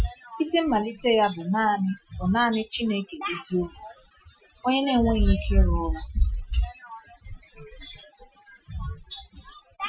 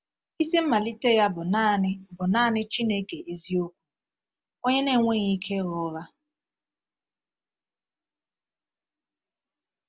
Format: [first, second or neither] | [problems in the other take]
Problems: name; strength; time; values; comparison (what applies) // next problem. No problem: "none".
second | noise reduction (classical method Wiener filter)